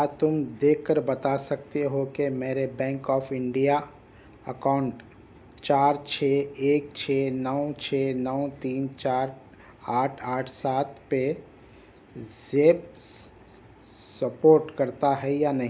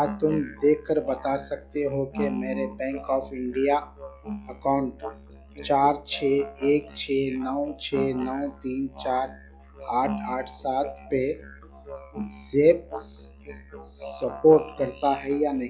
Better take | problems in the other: first | noise reduction (classical method log-MMSE)

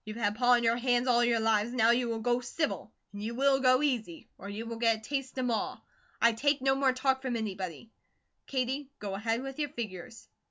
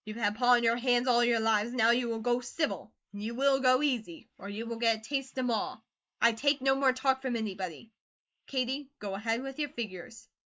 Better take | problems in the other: first | noise reduction (neural mask model Resemble Enhance denoiser)

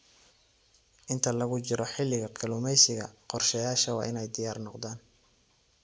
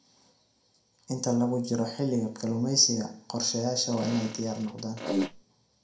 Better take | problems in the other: first | background sound (Fart); 4 dB below the speech // room echo; dies away in 0.4 s

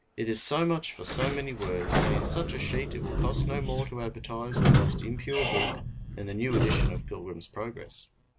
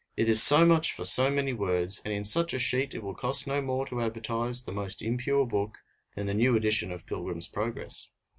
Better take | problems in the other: second | background sound (Squeak / Sliding door); 4 dB above the speech

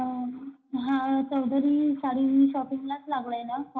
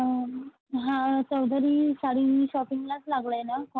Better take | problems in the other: second | room echo; dies away in 0.4 s

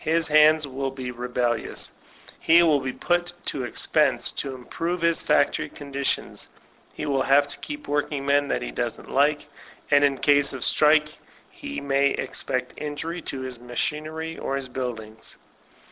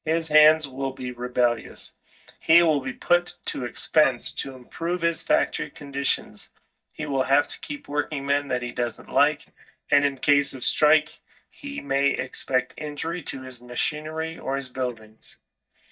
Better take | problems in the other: first | noise reduction (neural mask model DeepFilterNet 3)

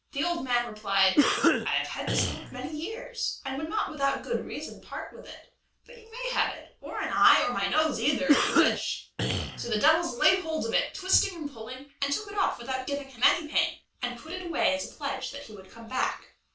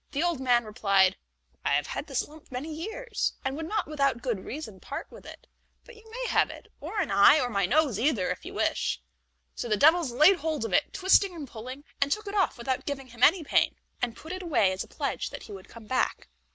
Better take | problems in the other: second | background sound (Cough); 2 dB above the speech // room echo; dies away in 0.3 s

